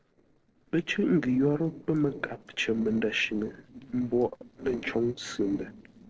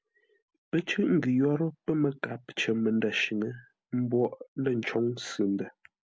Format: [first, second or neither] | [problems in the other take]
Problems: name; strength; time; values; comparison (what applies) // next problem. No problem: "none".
second | noise reduction (neural separator model SepFormer DNS4)